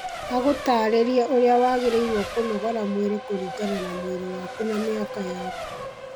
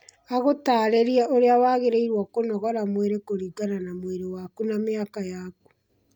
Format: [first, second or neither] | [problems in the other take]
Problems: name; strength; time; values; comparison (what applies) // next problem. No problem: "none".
second | background sound (Race car, auto racing); 9 dB below the speech